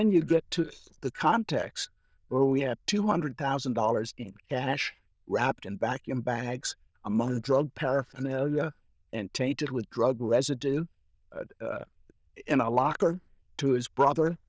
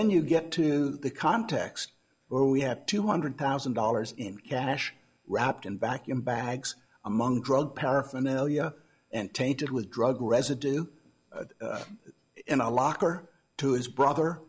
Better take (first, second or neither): second